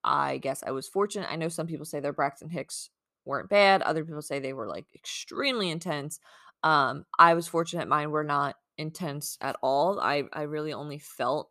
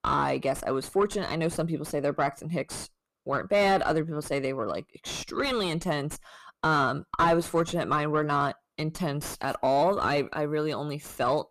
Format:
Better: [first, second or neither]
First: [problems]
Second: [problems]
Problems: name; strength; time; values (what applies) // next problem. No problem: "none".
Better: first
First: none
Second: distortion; heavy; 5 dB below the speech